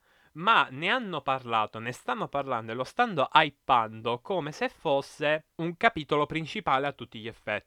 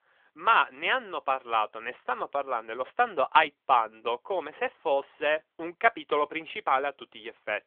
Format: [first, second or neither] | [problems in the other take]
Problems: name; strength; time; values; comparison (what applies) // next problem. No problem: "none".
first | phone-call audio; nothing above 3.5 kHz